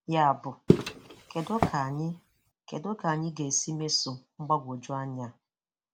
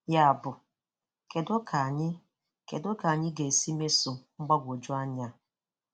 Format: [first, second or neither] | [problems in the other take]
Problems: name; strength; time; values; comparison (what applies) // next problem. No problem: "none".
second | background sound (Walk, footsteps); 2 dB above the speech